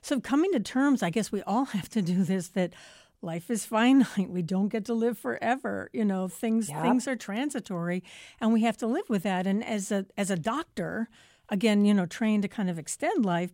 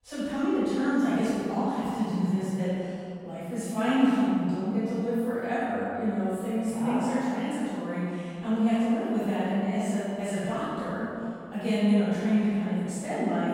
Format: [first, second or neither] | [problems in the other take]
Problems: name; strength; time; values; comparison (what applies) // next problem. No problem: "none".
first | off-mic speech; far // room echo; strong; dies away in 2.4 s